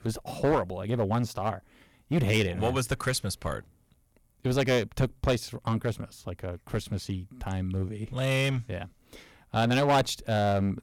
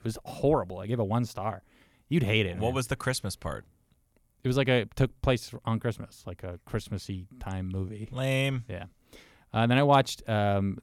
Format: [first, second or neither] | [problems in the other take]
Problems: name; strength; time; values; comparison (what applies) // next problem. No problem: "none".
second | distortion; heavy; 6% of the sound clipped